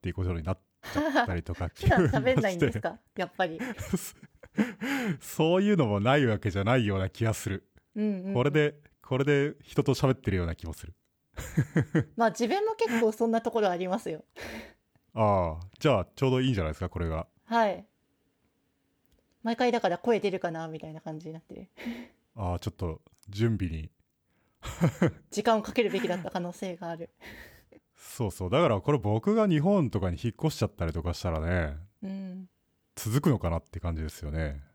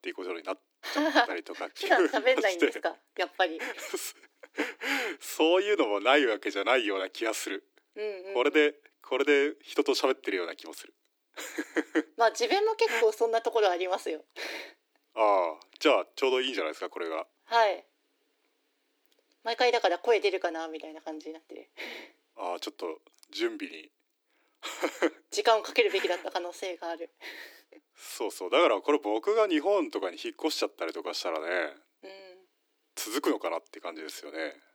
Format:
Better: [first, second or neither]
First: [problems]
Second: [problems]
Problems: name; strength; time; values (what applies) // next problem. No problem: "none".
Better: first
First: none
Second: thin; somewhat; fading below 300 Hz